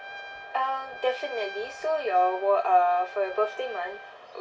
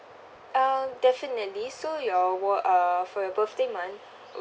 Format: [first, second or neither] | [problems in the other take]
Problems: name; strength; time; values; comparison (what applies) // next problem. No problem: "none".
second | background sound (Trumpet); 15 dB below the speech // room echo; dies away in 0.2 s